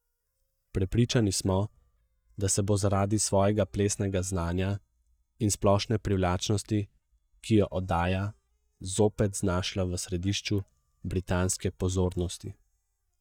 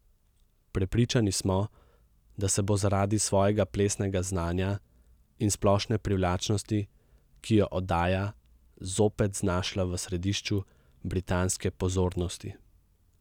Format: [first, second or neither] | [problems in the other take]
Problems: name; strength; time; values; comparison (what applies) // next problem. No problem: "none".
second | noise reduction (neural mask model DeepFilterNet 3)